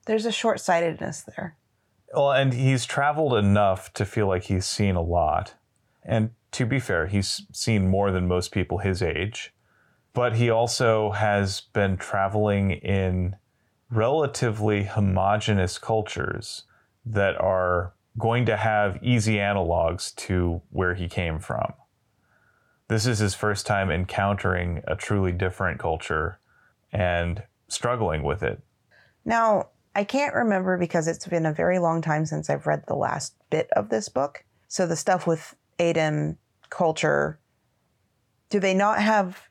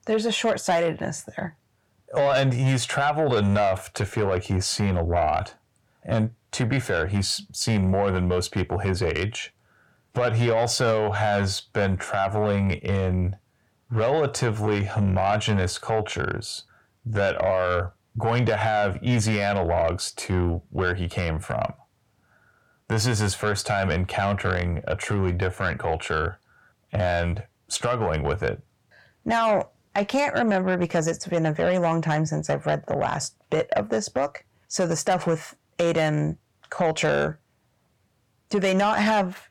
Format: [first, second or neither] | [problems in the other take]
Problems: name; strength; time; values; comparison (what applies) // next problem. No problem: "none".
first | distortion; slight; 10 dB below the speech